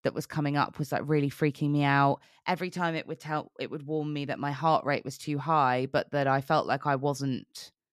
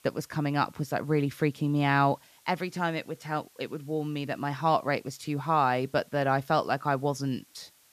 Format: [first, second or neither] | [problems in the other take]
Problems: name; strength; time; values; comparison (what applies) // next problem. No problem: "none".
first | hiss; faint; throughout; 30 dB below the speech